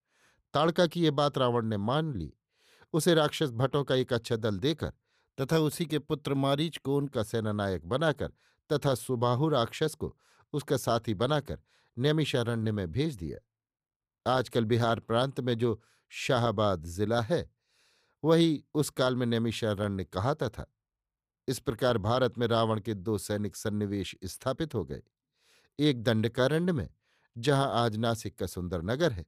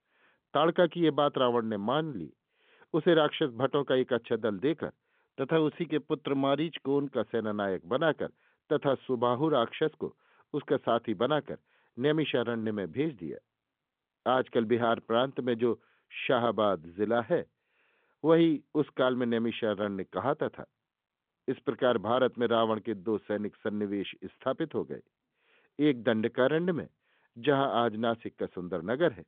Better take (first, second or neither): first